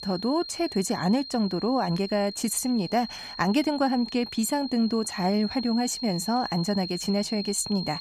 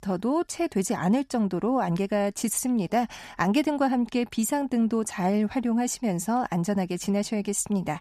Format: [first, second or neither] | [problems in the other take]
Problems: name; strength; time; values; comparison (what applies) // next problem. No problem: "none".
second | high-pitched whine; loud; throughout; 4 kHz, 9 dB below the speech